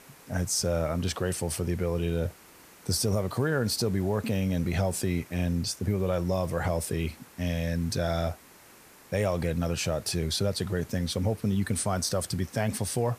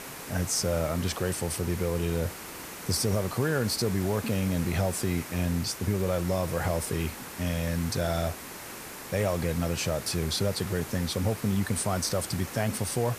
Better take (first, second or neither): first